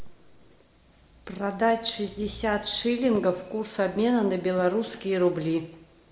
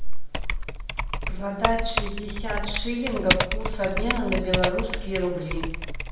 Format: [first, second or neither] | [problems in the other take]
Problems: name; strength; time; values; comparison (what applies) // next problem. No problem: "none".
first | background sound (Typing); 1 dB below the speech // room echo; dies away in 0.6 s